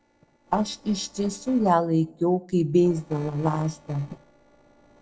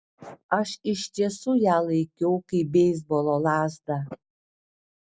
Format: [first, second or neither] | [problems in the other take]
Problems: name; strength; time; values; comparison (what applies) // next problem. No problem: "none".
second | noise reduction (neural separator model SepFormer DNS4)